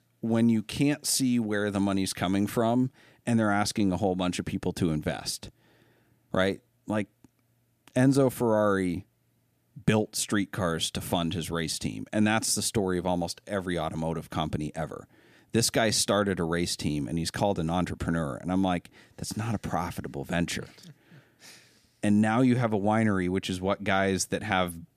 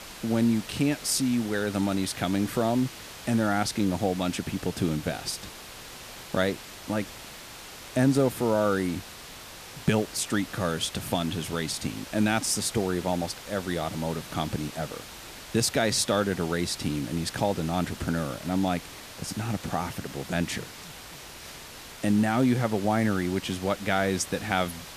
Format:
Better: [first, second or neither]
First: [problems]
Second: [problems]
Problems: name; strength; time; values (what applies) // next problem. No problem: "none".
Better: first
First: none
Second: hiss; noticeable; throughout; 15 dB below the speech